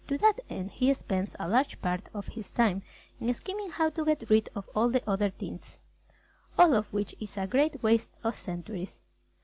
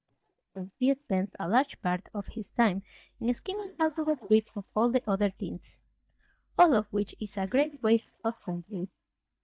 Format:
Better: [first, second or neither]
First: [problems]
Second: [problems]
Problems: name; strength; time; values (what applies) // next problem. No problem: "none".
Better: first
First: none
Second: noise reduction (neural mask model DeepFilterNet 3)